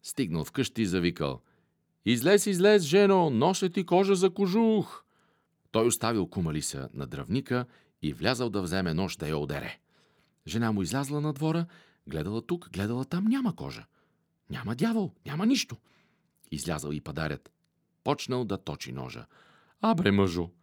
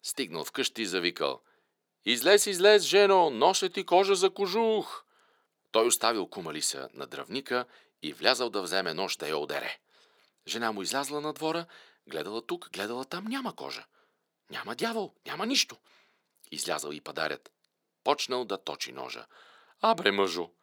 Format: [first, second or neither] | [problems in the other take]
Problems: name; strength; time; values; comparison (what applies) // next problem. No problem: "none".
first | thin; somewhat; fading below 550 Hz